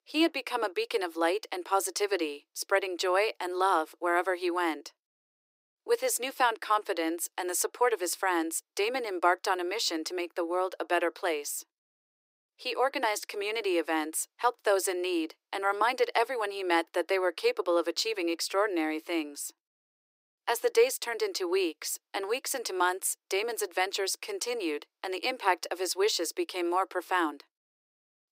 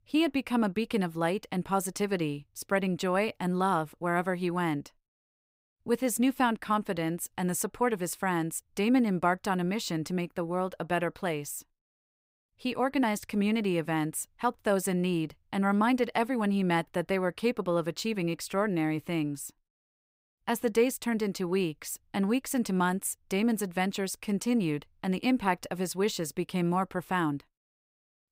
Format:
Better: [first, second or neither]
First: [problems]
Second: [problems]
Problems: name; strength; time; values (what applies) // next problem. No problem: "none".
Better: second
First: thin; very; fading below 350 Hz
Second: none